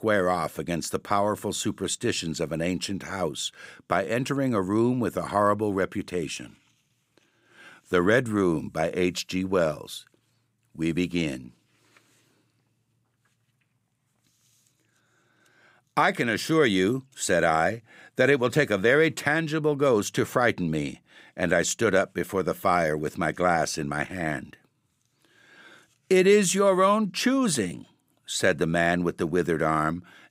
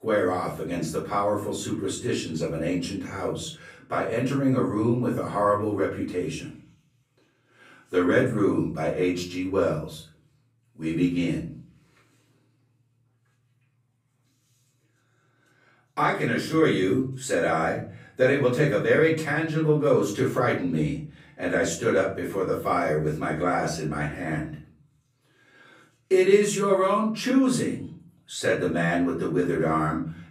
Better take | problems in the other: first | room echo; slight; dies away in 0.6 s // off-mic speech; far

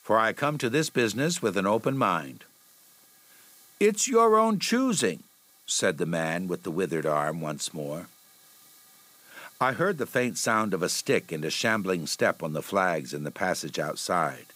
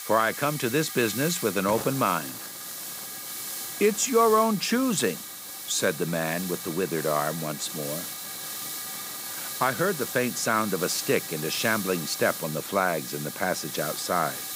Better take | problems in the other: first | hiss; loud; throughout; 7 dB below the speech; faint in the first

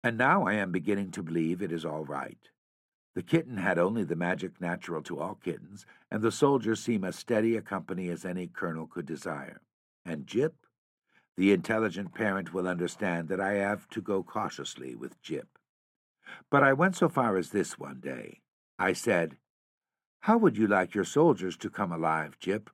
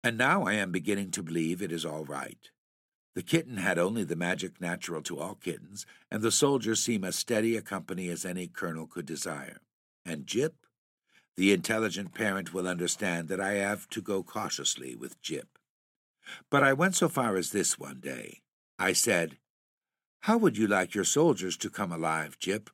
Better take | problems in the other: second | muffled; slightly; fading above 3 kHz

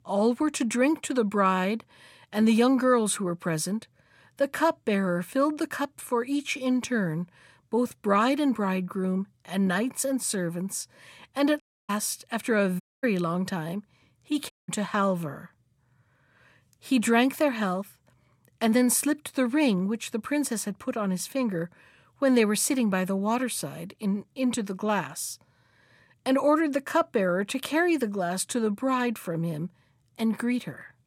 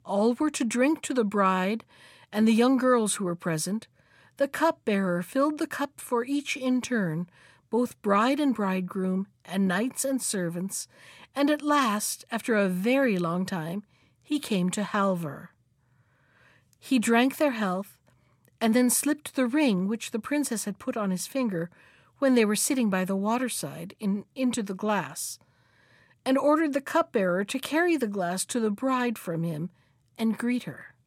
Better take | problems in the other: second | audio cutting out; at 12 s, at 13 s and at 15 s

